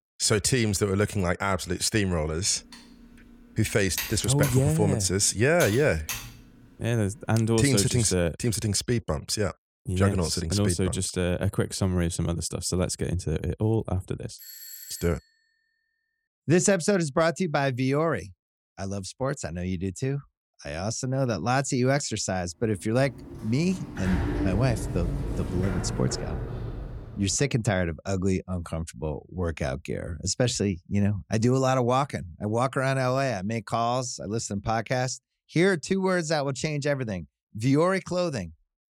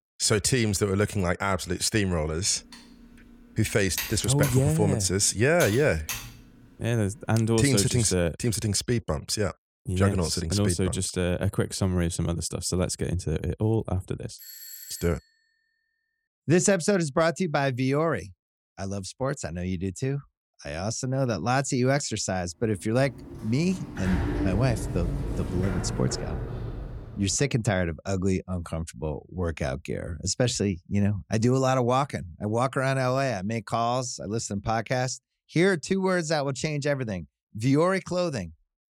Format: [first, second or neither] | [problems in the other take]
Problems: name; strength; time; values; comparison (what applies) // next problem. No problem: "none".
neither | keyboard typing; noticeable; from 2.5 to 7 s; peak 6 dB below the speech; the same in both // doorbell; faint; at 14 s; peak 15 dB below the speech; the same in both // door banging; noticeable; from 23 to 27 s; peak 2 dB below the speech; the same in both